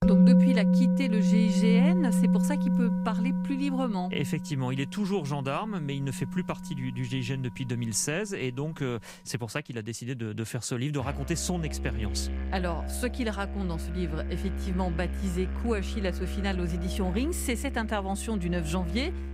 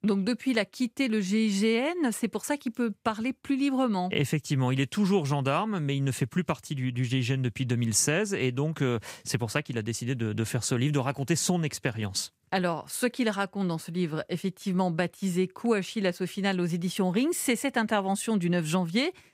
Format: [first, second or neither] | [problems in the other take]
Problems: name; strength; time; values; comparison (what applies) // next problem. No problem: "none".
second | background music; very loud; throughout; 3 dB above the speech